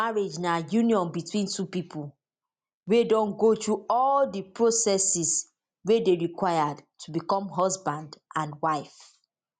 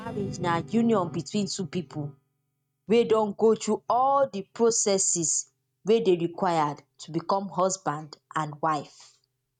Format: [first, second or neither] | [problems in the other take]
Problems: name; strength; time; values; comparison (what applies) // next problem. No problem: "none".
first | noise reduction (neural mask model RNNoise)